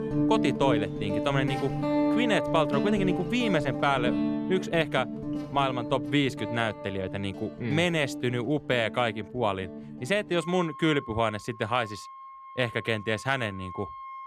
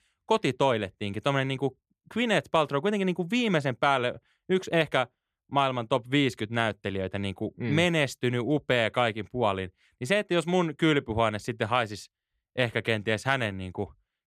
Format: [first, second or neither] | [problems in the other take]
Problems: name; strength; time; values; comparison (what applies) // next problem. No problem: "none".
second | background music; loud; throughout; 4 dB below the speech